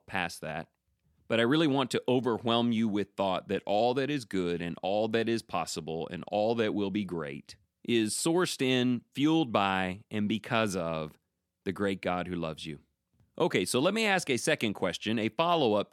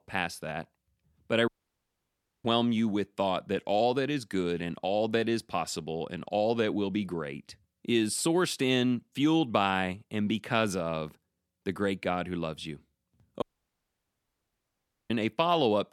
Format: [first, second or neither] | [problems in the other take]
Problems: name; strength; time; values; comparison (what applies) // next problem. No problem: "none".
first | audio cutting out; at 1.5 s for 1 s and at 13 s for 1.5 s